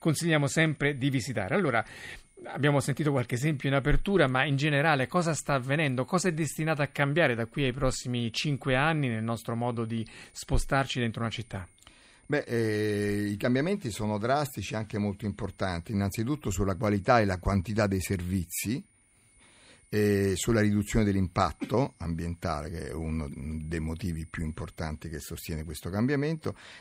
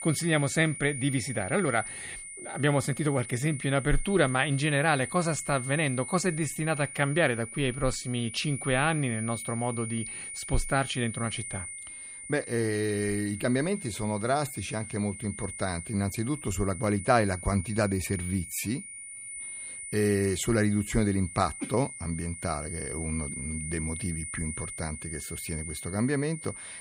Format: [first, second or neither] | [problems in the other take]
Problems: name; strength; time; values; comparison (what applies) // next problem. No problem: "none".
first | high-pitched whine; loud; throughout; 9.5 kHz, 9 dB below the speech; faint in the first